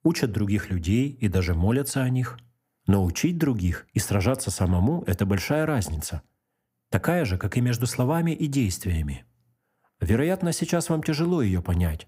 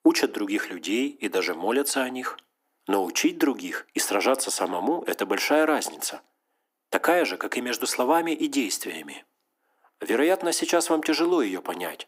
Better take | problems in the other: first | thin; somewhat; fading below 300 Hz

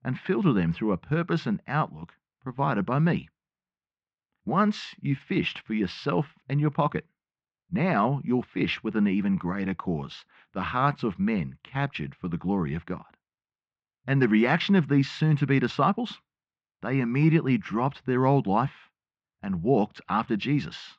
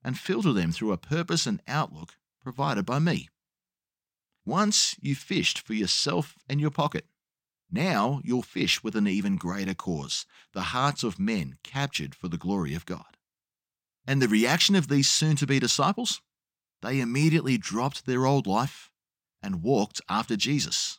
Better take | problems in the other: second | muffled; very; fading above 2.5 kHz

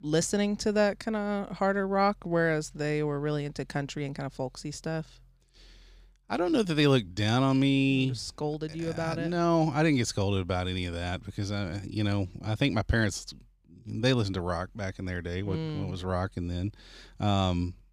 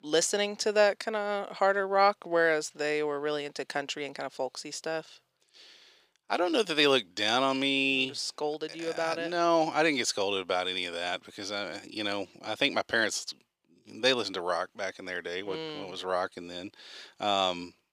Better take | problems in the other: first | thin; somewhat; fading below 500 Hz

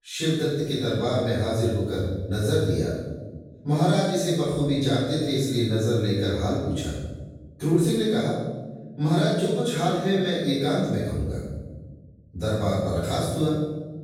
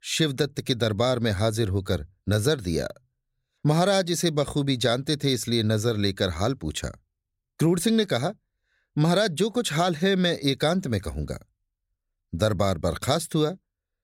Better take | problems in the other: second | off-mic speech; far // room echo; strong; dies away in 1.2 s

